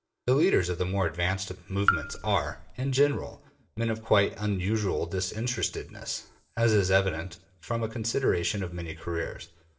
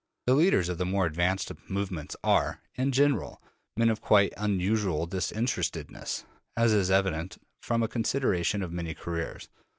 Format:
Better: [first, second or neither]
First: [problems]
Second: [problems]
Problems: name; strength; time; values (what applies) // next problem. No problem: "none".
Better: second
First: background sound (Raindrop / Drip); 5 dB below the speech // room echo; dies away in 0.4 s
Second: none